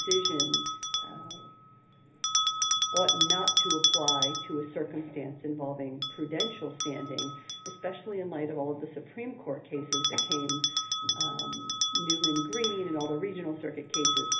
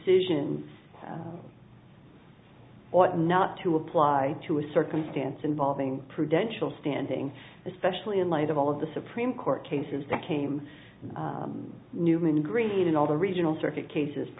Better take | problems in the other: second | background sound (Bell); 4 dB above the speech // room echo; dies away in 0.3 s

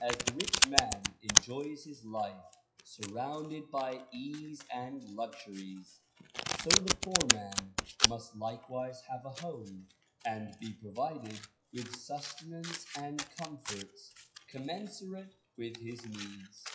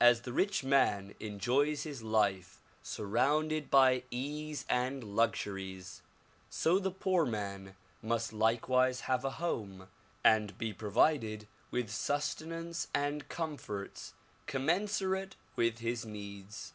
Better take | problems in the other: second | noise reduction (classical method WPE with log-MMSE)

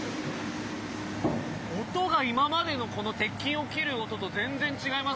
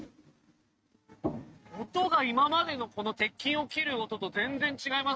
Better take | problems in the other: first | noise reduction (neural mask model RNNoise)

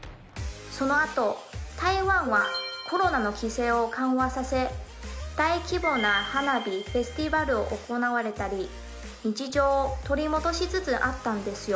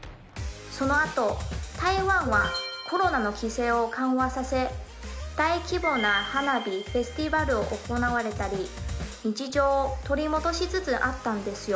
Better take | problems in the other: first | background sound (Drum kit); 9 dB below the speech

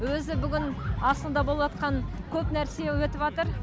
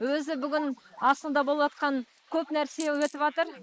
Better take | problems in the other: first | noise reduction (neural mask model Resemble Enhance denoiser)

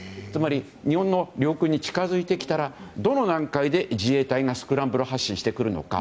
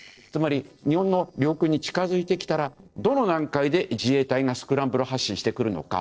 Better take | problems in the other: first | noise reduction (neural separator model SepFormer DNS4)

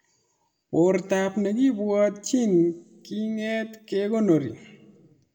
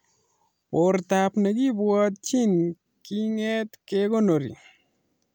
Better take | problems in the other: second | room echo; dies away in 0.7 s

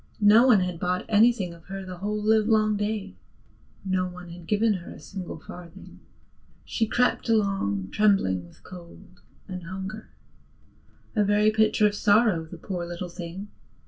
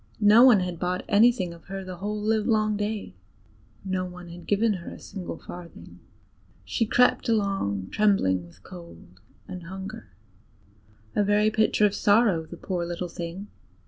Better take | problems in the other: second | room echo; dies away in 0.2 s

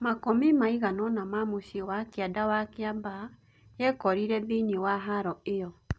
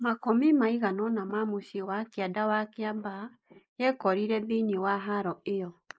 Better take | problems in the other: first | noise reduction (neural mask model Resemble Enhance denoiser)

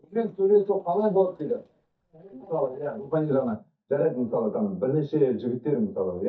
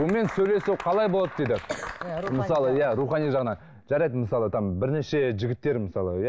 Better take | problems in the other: second | noise reduction (neural mask model DeepFilterNet 3)

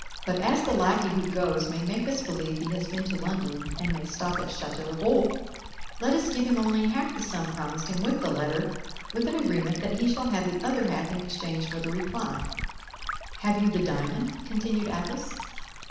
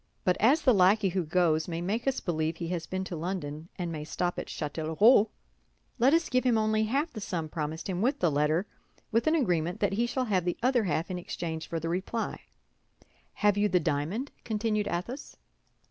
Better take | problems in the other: second | background sound (Stream); 9 dB below the speech // room echo; dies away in 1.1 s

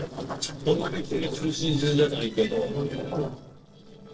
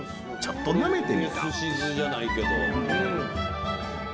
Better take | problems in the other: second | noise reduction (neural separator model SepFormer DNS4)

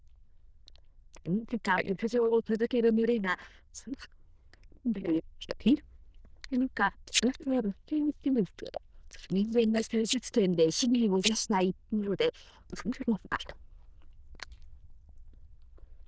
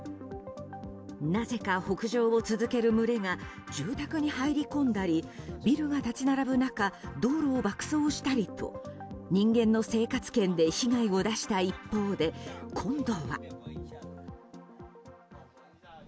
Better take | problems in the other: second | noise reduction (neural diffusion model UNIVERSE++)

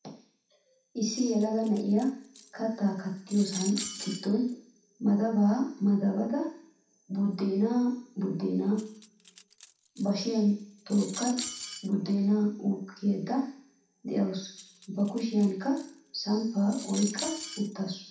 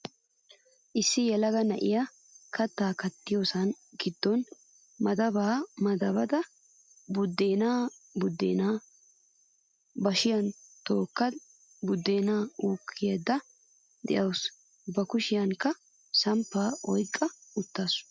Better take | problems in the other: second | background sound (Cutlery, silverware); 14 dB below the speech // room echo; dies away in 0.7 s

